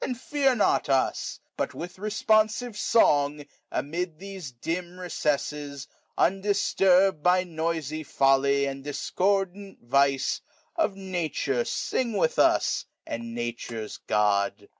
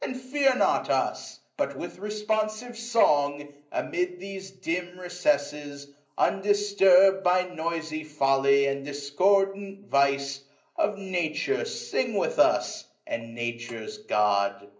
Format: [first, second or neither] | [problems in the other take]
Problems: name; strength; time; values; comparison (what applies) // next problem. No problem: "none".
first | room echo; dies away in 0.5 s